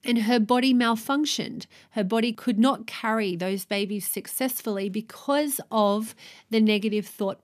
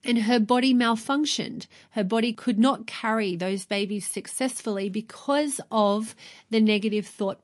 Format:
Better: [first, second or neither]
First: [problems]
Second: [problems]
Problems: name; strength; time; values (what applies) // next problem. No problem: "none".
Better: first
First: none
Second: garbled, watery; slightly; nothing above 11.5 kHz